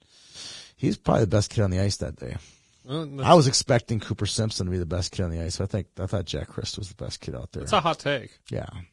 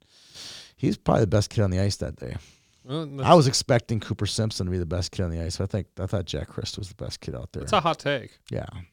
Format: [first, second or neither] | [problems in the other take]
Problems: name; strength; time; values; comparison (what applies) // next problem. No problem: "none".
second | garbled, watery; badly; nothing above 10 kHz